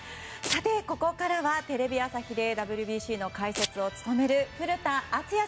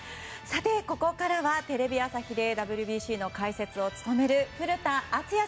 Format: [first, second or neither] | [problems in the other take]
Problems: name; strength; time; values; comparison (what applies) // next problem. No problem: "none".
second | background sound (Domestic sounds, home sounds); 6 dB below the speech